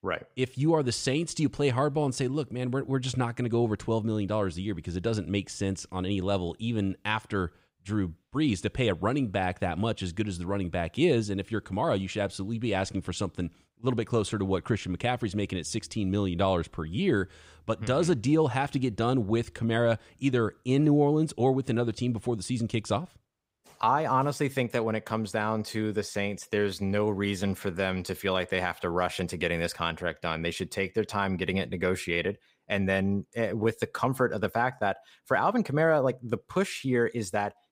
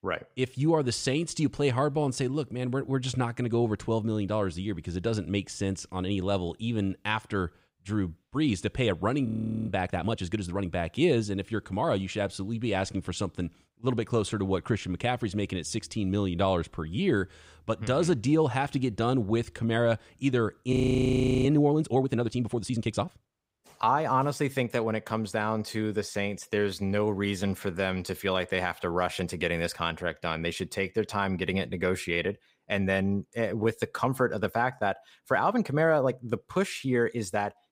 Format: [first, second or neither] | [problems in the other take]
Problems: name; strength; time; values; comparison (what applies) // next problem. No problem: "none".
first | audio freezing; at 9.5 s and at 21 s for 0.5 s